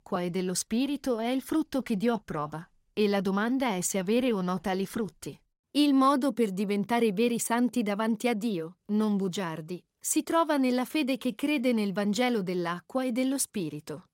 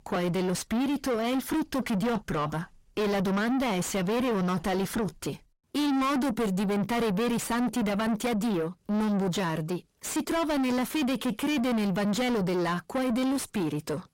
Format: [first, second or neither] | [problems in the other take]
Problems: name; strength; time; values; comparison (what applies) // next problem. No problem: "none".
first | distortion; heavy; 5 dB below the speech